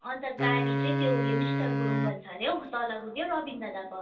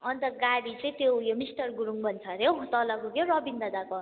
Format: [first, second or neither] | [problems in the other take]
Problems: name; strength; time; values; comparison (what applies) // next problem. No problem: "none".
second | background sound (Wind instrument, woodwind instrument); 3 dB above the speech // room echo; dies away in 0.2 s